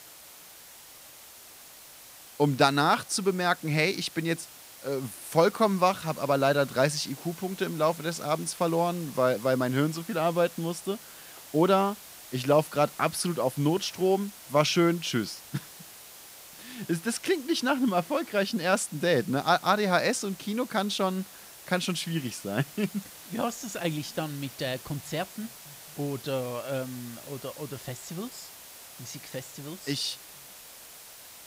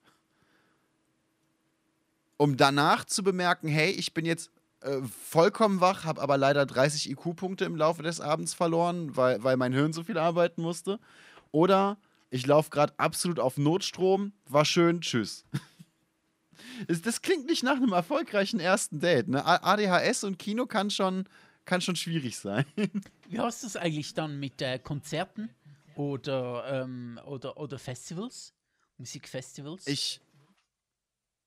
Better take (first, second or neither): second